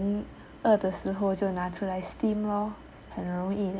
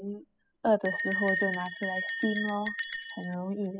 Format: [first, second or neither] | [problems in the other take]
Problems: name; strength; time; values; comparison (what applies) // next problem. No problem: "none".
first | noise reduction (classical method spectral subtraction)